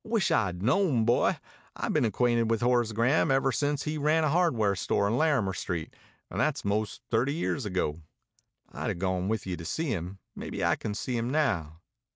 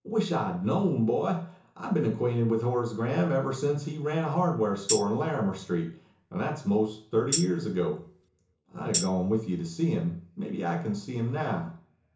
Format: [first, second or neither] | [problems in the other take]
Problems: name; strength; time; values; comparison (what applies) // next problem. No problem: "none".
first | background sound (Tambourine); 6 dB below the speech // room echo; dies away in 0.7 s